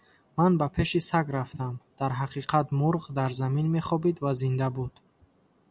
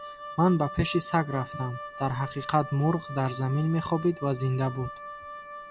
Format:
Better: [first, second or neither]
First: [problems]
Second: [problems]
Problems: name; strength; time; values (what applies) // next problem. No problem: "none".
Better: first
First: none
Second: background sound (Wind instrument, woodwind instrument); 13 dB below the speech